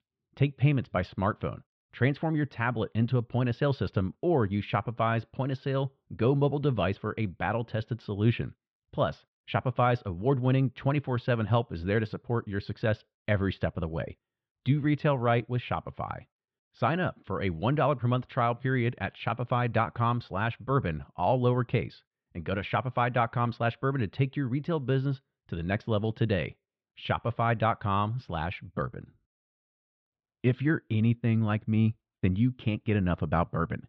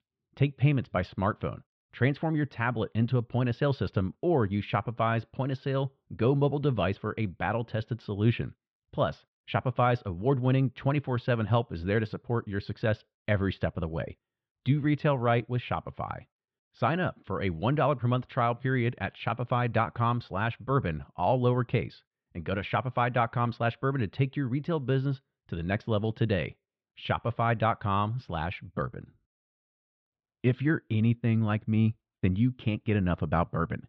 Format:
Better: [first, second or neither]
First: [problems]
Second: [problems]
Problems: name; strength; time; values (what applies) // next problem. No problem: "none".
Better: neither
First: muffled; very; fading above 3.5 kHz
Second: muffled; very; fading above 3.5 kHz